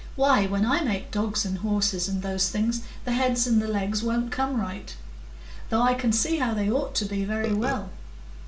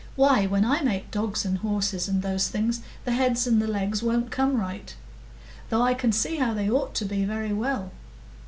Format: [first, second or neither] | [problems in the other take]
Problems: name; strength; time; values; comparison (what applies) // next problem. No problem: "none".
second | background sound (Burping, eructation); 7 dB below the speech // room echo; dies away in 0.4 s